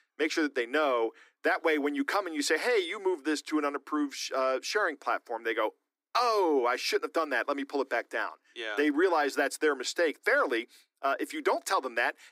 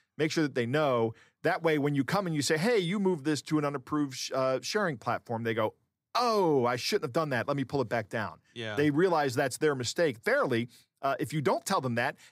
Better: second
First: thin; very slightly; fading below 300 Hz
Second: none

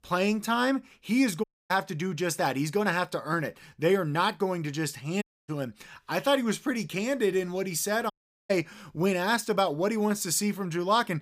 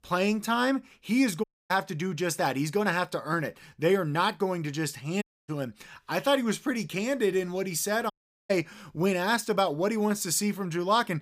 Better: neither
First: audio cutting out; at 1.5 s, at 5 s and at 8 s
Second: audio cutting out; at 1.5 s, at 5 s and at 8 s

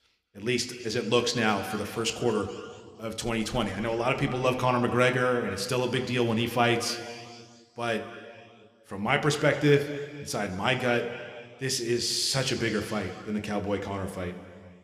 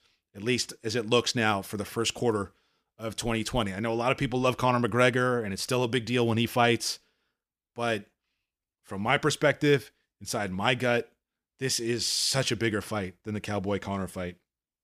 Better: second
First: room echo; very slight; dies away in 2.2 s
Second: none

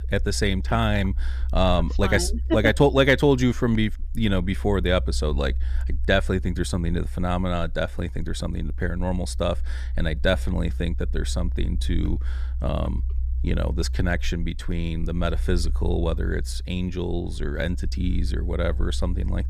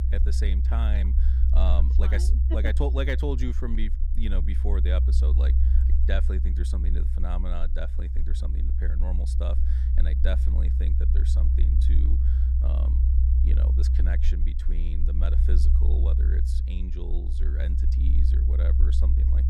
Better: first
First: low rumble; faint; throughout; 25 dB below the speech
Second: low rumble; loud; throughout; 4 dB below the speech

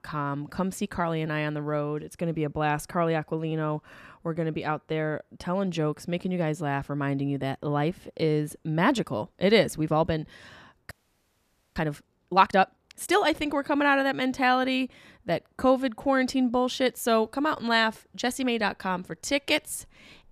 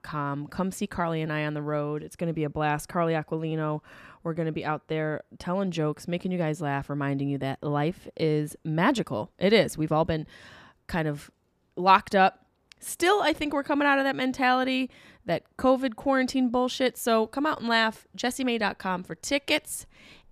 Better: second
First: audio freezing; at 11 s for 1 s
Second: none

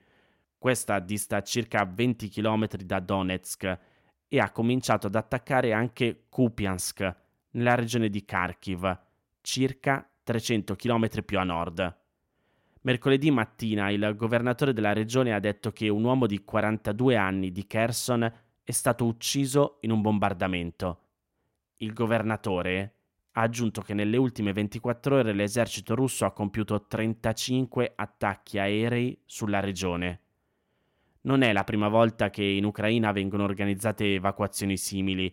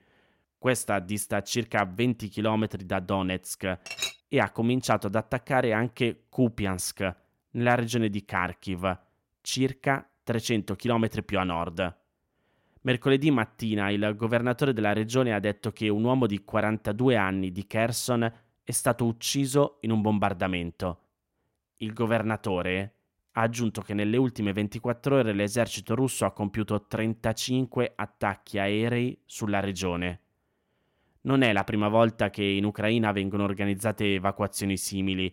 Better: first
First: none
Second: clattering dishes; noticeable; at 4 s; peak 4 dB below the speech

